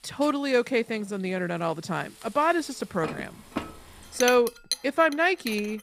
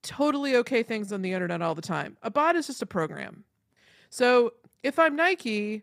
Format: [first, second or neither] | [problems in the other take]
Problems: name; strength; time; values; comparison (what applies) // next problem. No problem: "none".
second | household noises; noticeable; throughout; 10 dB below the speech